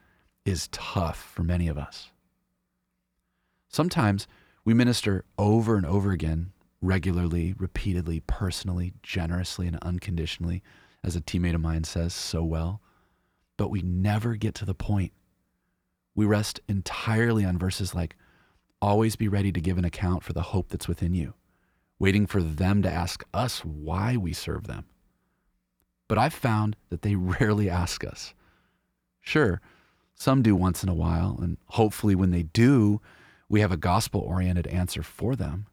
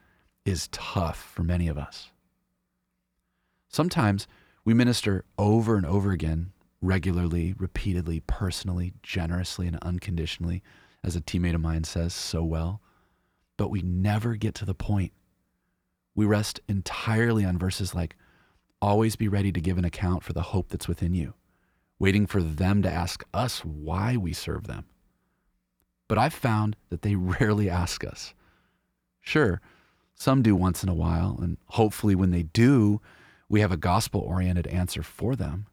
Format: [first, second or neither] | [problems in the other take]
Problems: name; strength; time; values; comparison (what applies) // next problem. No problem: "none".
neither | none